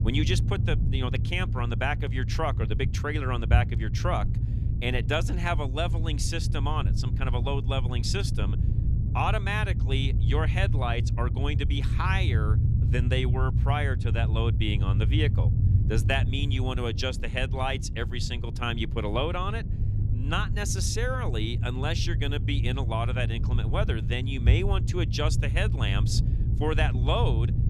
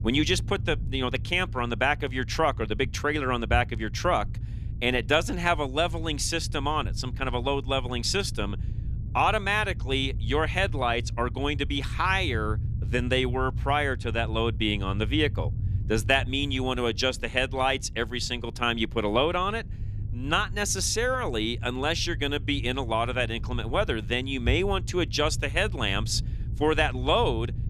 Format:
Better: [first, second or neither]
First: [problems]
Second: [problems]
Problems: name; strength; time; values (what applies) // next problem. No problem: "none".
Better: second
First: low rumble; loud; throughout; 10 dB below the speech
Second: low rumble; faint; throughout; 20 dB below the speech